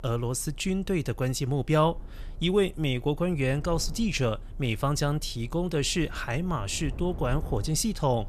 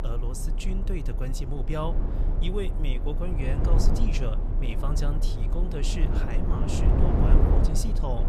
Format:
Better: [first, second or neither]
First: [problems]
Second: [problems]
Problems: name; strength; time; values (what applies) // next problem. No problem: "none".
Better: first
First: low rumble; faint; throughout; 25 dB below the speech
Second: low rumble; loud; throughout; 1 dB below the speech